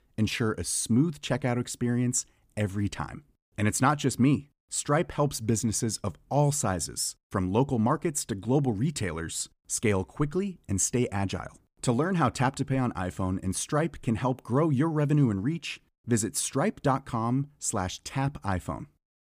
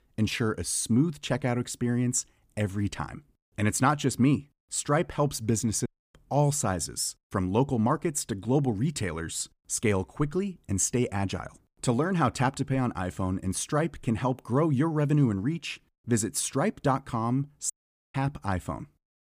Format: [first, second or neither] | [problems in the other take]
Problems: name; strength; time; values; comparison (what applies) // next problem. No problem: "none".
first | audio cutting out; at 6 s and at 18 s